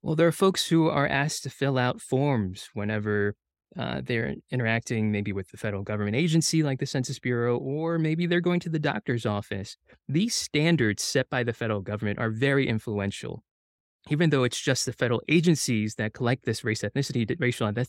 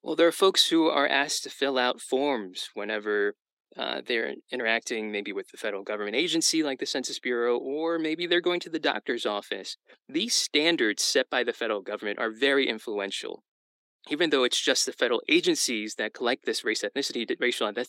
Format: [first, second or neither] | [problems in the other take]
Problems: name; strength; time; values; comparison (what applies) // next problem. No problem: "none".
first | thin; somewhat; fading below 300 Hz